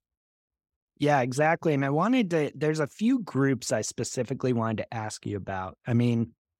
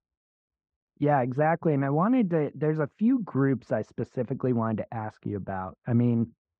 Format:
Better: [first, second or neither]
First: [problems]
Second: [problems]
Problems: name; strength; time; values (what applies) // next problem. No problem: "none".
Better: first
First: none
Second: muffled; very; fading above 1.5 kHz